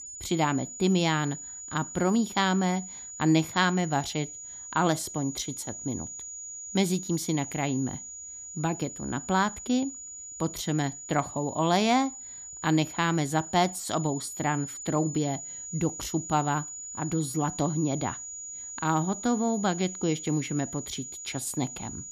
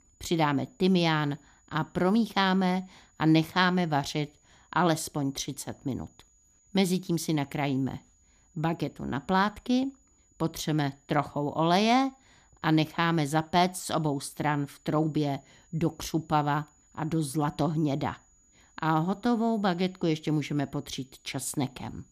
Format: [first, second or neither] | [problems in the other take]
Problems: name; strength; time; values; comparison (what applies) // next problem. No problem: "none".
second | high-pitched whine; loud; throughout; 7 kHz, 9 dB below the speech; faint in the second